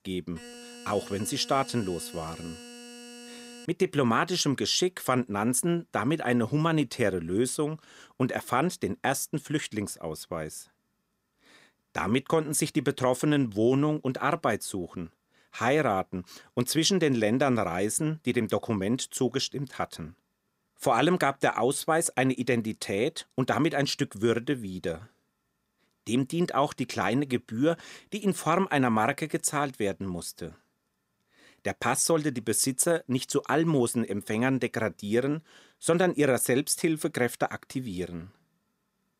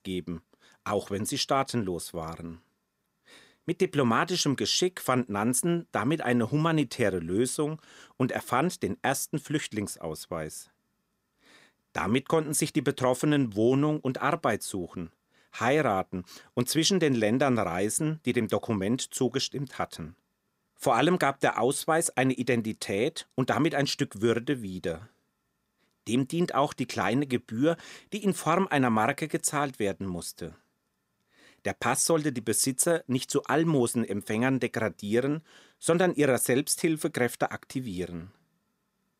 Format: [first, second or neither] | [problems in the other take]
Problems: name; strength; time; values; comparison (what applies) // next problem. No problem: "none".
second | alarm; faint; until 3.5 s; peak 15 dB below the speech